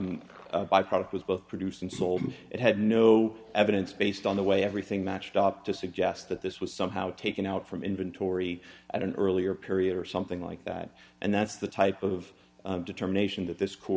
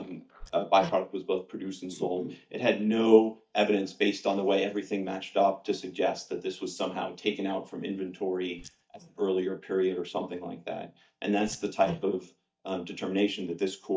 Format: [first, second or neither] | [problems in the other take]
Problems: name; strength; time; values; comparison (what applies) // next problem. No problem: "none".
first | noise reduction (neural mask model DeepFilterNet 3)